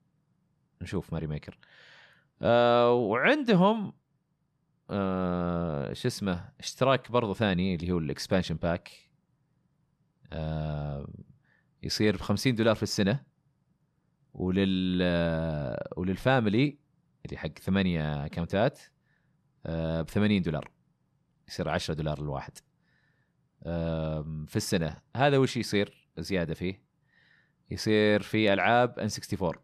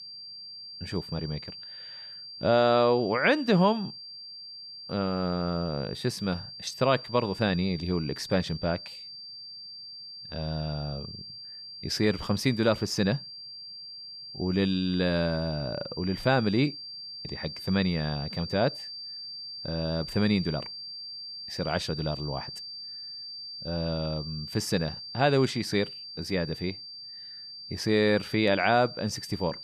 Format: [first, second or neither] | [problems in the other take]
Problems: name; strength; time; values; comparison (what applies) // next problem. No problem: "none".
first | high-pitched whine; noticeable; throughout; 4.5 kHz, 10 dB below the speech